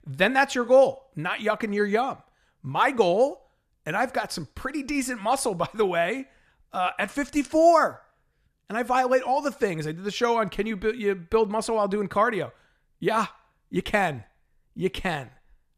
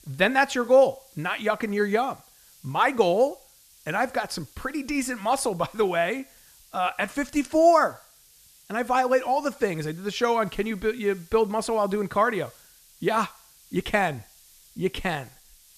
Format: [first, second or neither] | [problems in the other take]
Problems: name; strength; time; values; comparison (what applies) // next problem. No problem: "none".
first | hiss; faint; throughout; 25 dB below the speech